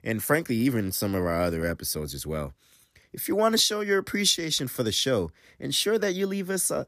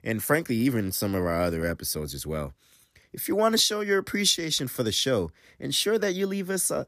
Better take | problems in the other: neither | none

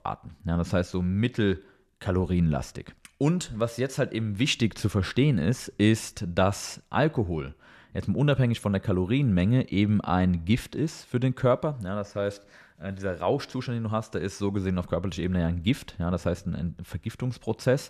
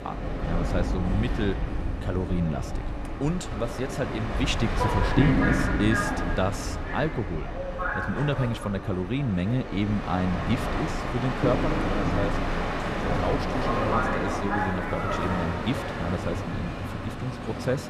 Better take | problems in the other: first | train or aircraft noise; very loud; throughout; 1 dB above the speech

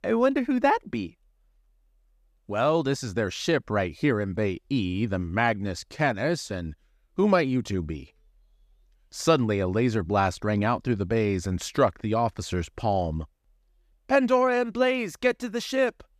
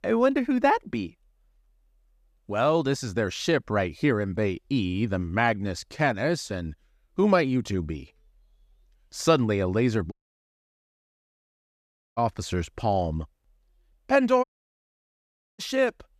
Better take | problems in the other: first | audio cutting out; at 10 s for 2 s and at 14 s for 1 s

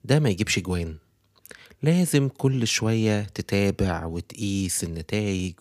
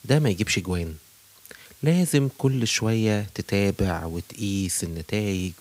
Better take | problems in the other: first | hiss; faint; throughout; 25 dB below the speech

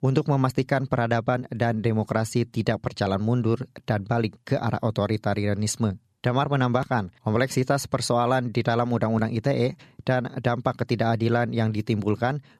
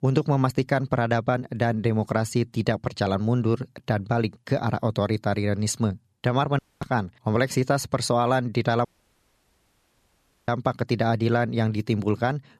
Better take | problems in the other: first | audio cutting out; at 6.5 s and at 9 s for 1.5 s

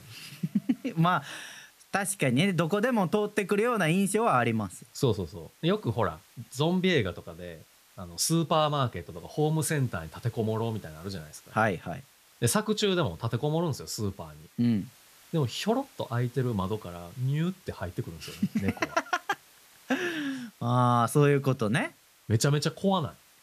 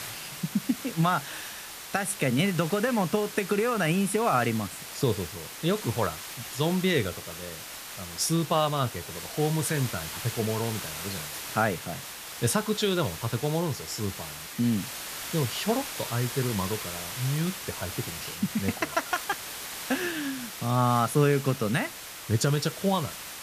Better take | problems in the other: first | hiss; loud; throughout; 8 dB below the speech; faint in the first

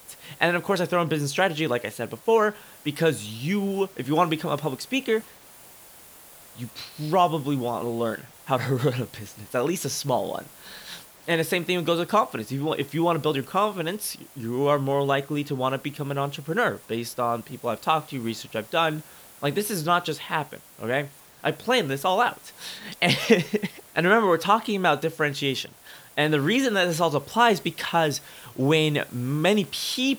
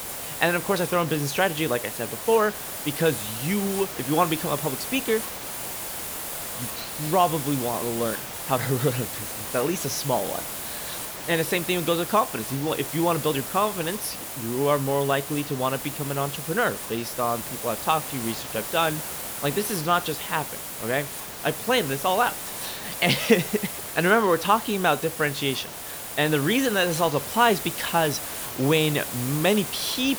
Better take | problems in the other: first | hiss; loud; throughout; 6 dB below the speech; faint in the first

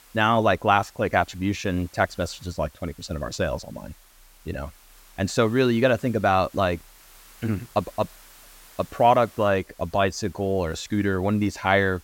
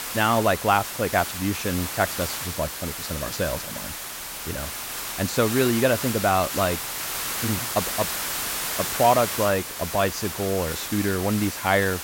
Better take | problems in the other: first | hiss; loud; throughout; 4 dB below the speech; faint in the first

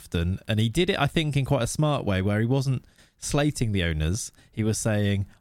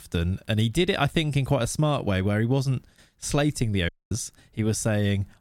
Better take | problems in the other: first | audio cutting out; at 4 s

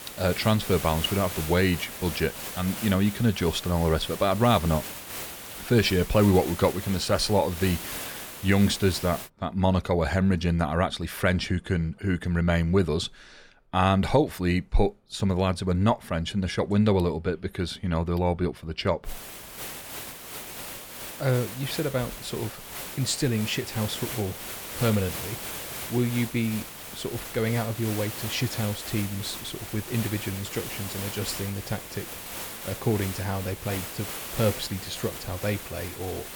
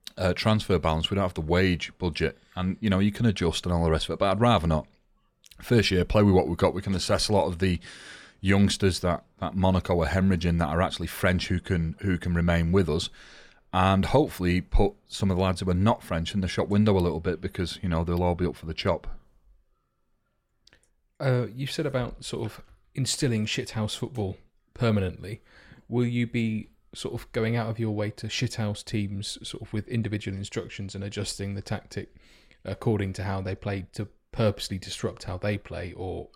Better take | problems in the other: second | hiss; loud; until 9.5 s and from 19 s on; 9 dB below the speech

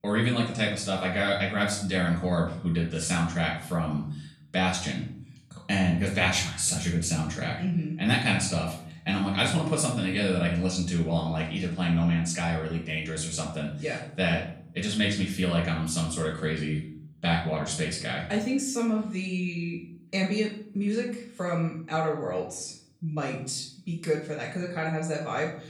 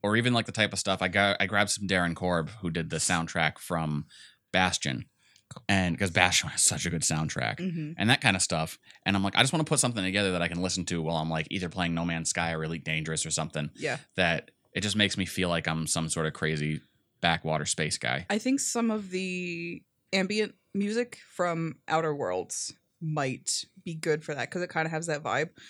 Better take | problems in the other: second | off-mic speech; far // room echo; noticeable; dies away in 0.6 s

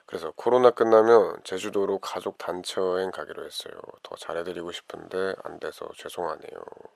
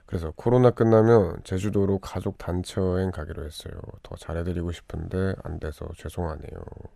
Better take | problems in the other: second | thin; very; fading below 500 Hz

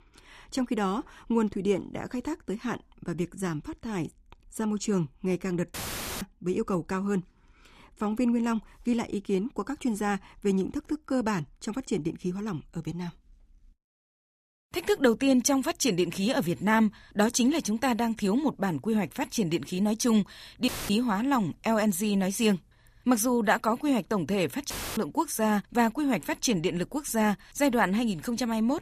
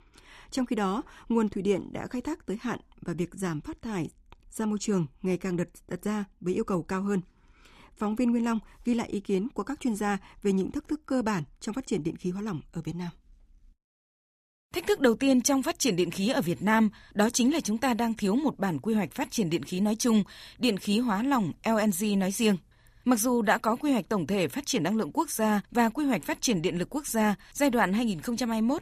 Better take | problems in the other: second | audio cutting out; filled with static; at 5.5 s, at 21 s and at 25 s

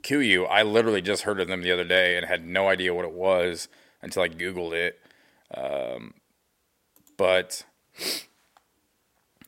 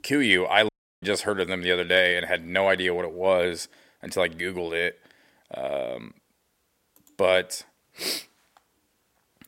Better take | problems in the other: first | audio cutting out; at 0.5 s

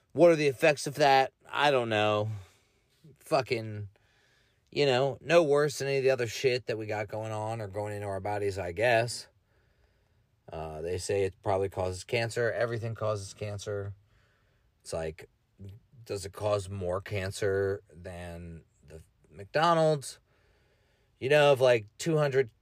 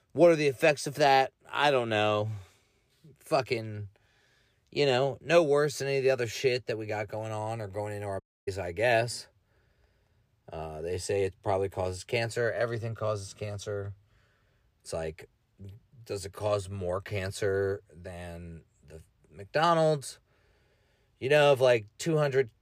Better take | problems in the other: first | audio cutting out; at 8 s

